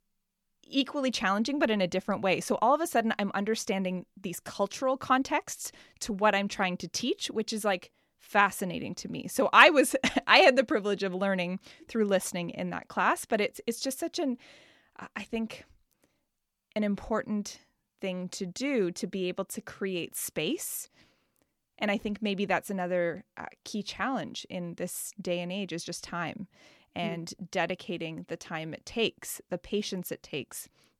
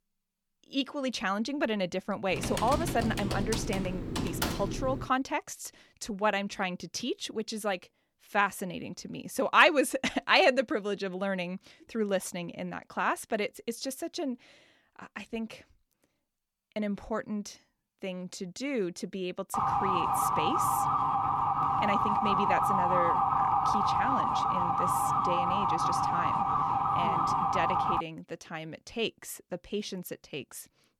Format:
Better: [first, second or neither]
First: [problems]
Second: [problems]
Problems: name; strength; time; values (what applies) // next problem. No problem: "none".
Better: first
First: none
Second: keyboard typing; loud; from 2.5 to 5 s; peak 1 dB above the speech // siren; loud; from 20 to 28 s; peak 6 dB above the speech